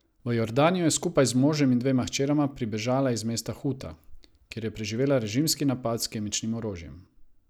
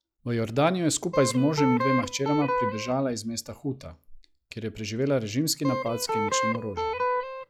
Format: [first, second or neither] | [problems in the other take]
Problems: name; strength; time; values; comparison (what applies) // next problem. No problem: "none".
first | noise reduction (classical method log-MMSE)